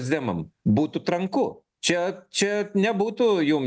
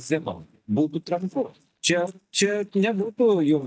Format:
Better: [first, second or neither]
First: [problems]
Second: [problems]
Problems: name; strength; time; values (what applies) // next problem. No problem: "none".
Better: first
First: none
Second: noise reduction (neural mask model DeepFilterNet 3)